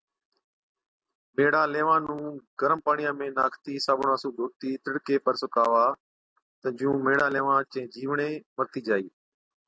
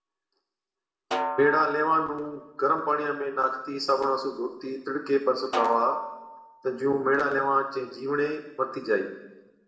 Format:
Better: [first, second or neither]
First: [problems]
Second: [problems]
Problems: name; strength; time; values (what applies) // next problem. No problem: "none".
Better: first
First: none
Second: background sound (Snare drum); 9 dB below the speech // room echo; dies away in 0.9 s